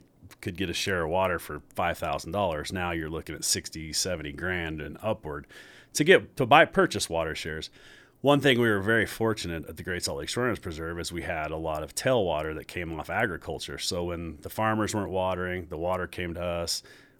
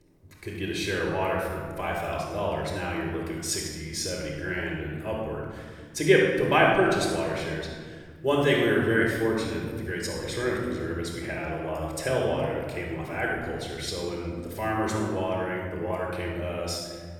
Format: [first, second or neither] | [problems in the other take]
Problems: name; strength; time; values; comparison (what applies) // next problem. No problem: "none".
first | room echo; noticeable; dies away in 1.8 s // off-mic speech; far